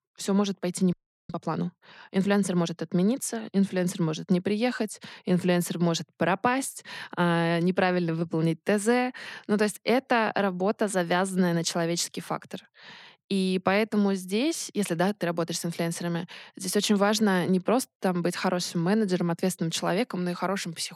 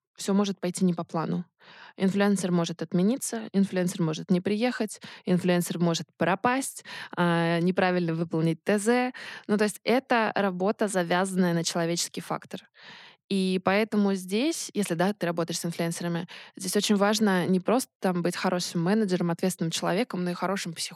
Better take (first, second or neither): second